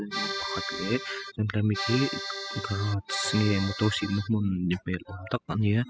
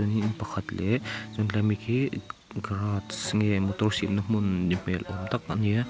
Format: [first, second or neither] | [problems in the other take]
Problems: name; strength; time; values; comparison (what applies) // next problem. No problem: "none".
second | noise reduction (classical method spectral subtraction)